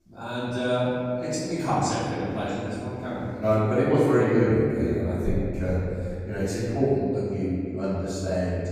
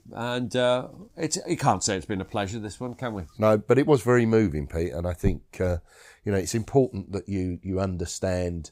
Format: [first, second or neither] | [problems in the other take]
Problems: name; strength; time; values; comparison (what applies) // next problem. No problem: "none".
second | off-mic speech; far // room echo; strong; dies away in 2.4 s